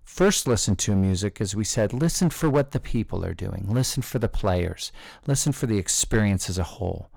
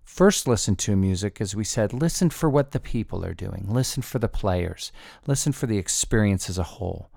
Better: second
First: distortion; slight; 4% of the sound clipped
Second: none

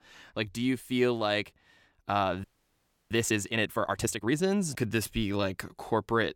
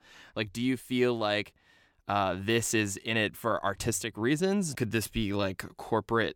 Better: second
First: audio freezing; at 2.5 s for 0.5 s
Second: none

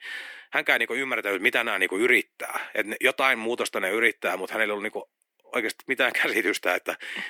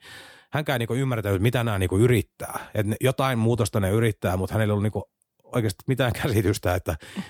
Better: second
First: thin; very; fading below 300 Hz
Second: none

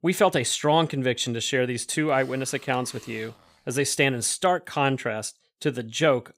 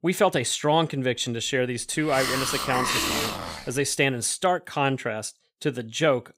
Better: first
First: hiss; faint; from 1 to 4 s; 25 dB below the speech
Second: hiss; loud; from 1 to 4 s; 1 dB below the speech

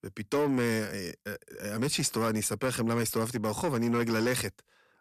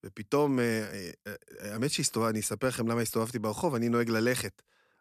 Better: second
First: distortion; slight; 10 dB below the speech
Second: none

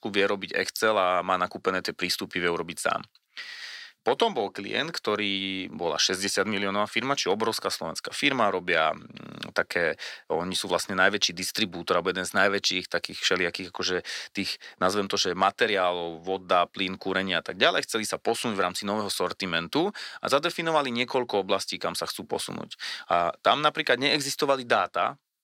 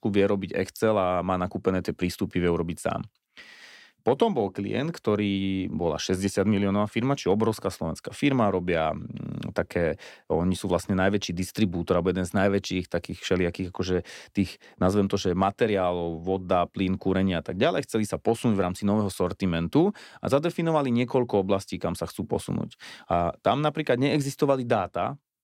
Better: second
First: thin; somewhat; fading below 950 Hz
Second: none

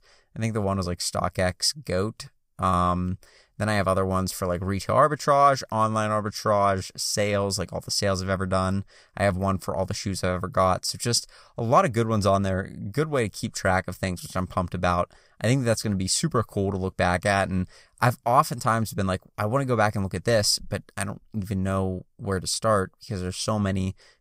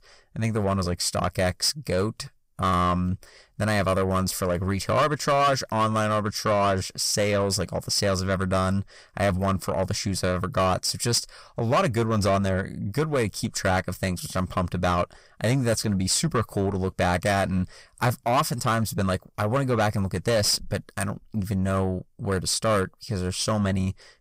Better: first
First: none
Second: distortion; slight; 10 dB below the speech

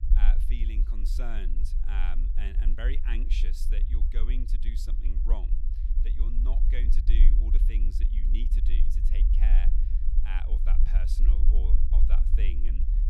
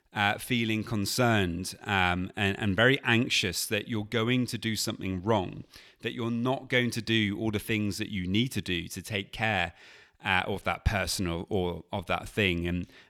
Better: second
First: low rumble; loud; throughout; 6 dB below the speech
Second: none

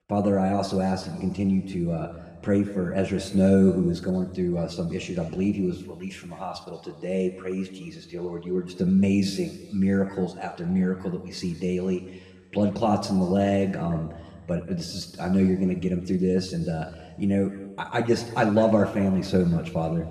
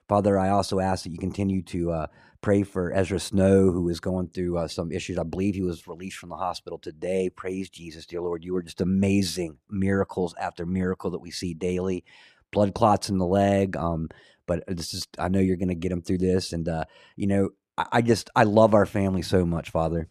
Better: second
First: room echo; noticeable; dies away in 1.6 s // off-mic speech; somewhat distant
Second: none

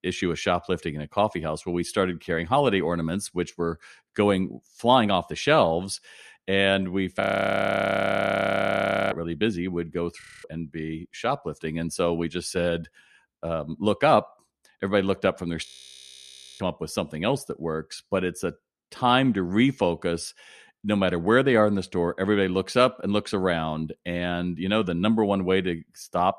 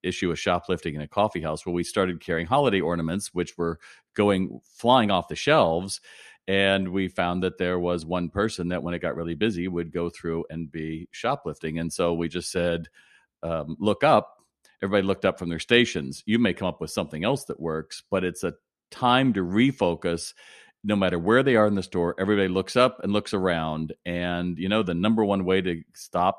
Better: second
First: audio freezing; at 7 s for 2 s, at 10 s and at 16 s for 1 s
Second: none

